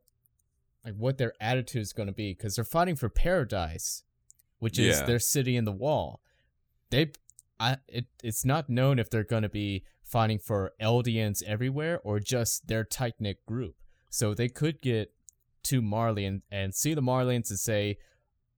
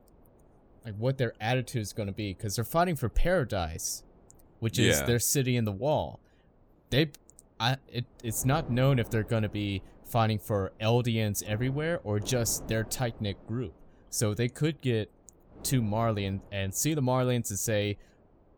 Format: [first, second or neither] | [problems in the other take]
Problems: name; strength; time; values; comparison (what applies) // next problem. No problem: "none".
first | wind noise on the microphone; occasional gusts; 25 dB below the speech